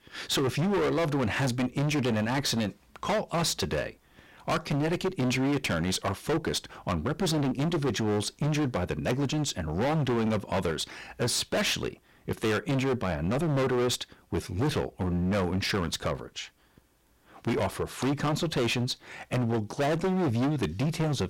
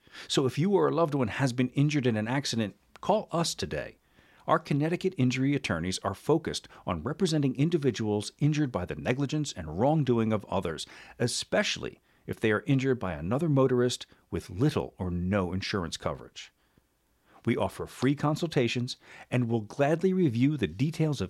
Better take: second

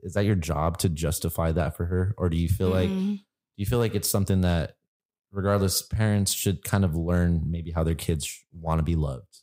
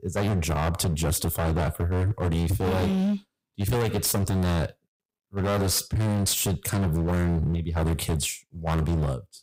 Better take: first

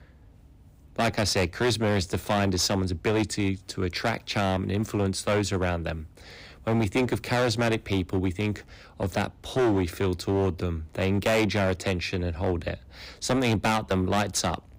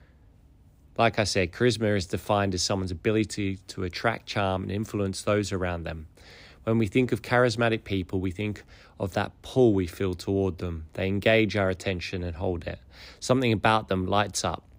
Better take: second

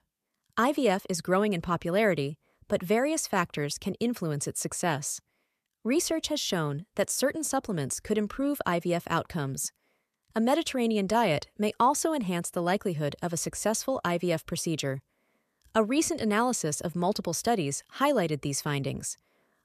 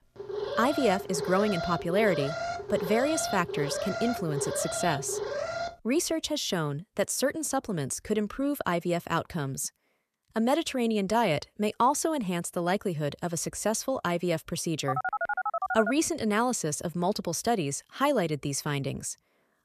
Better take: first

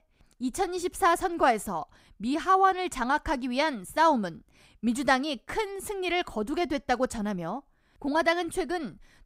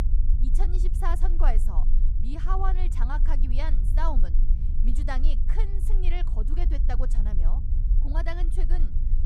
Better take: first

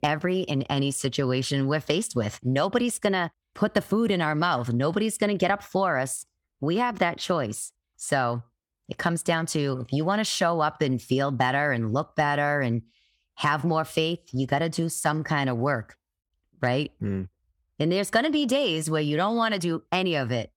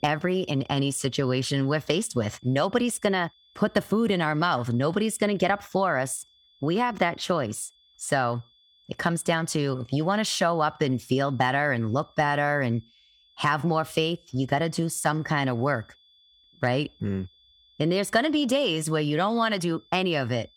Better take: first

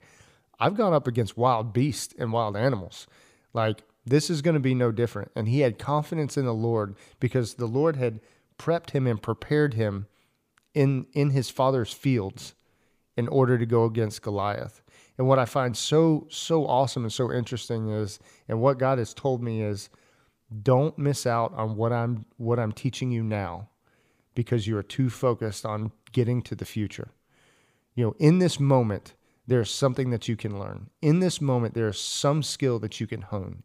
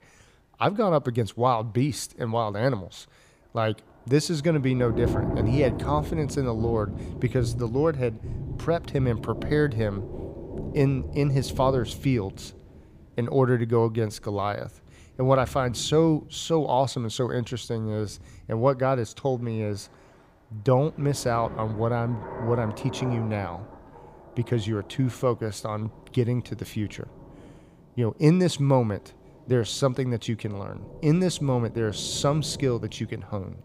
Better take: first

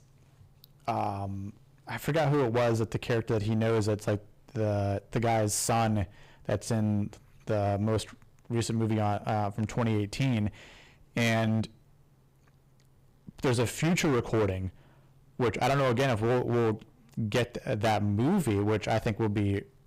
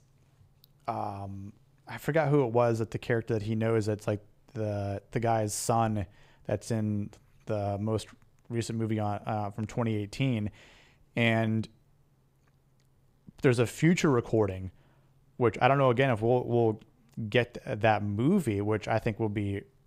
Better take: second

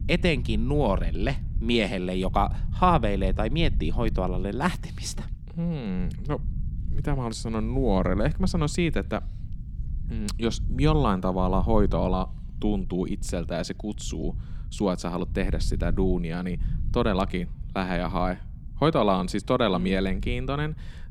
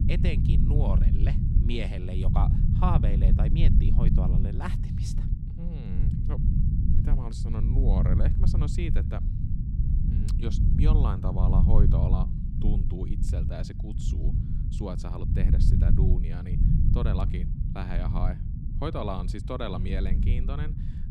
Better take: first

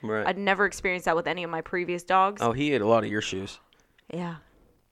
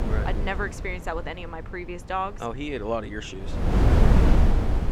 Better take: first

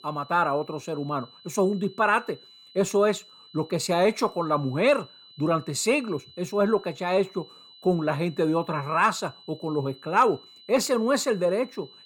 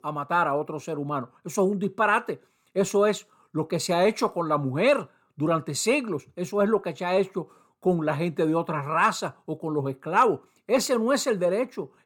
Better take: second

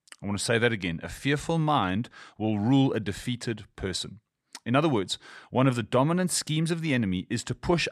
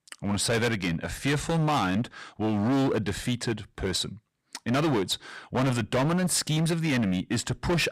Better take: first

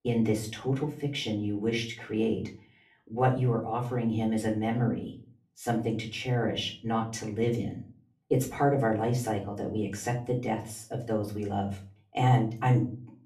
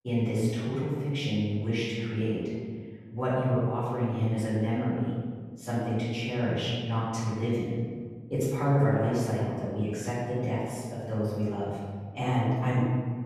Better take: first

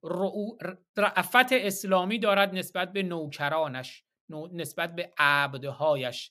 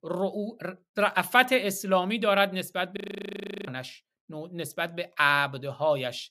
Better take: first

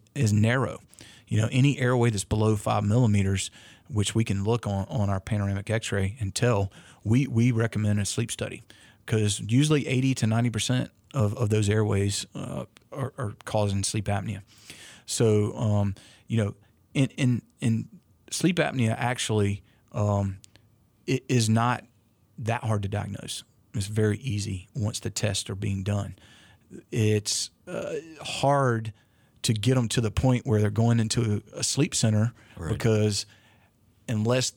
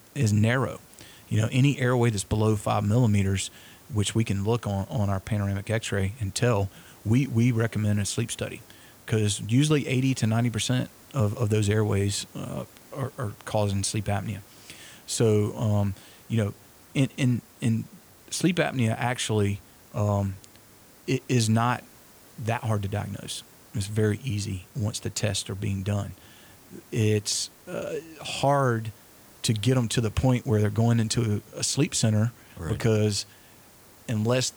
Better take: first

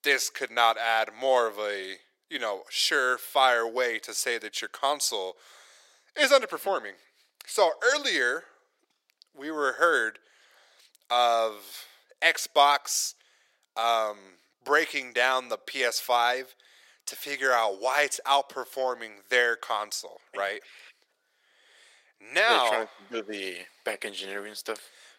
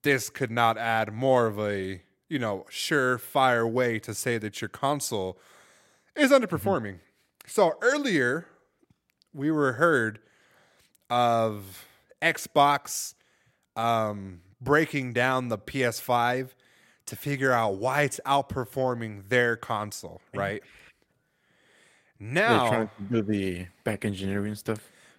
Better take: second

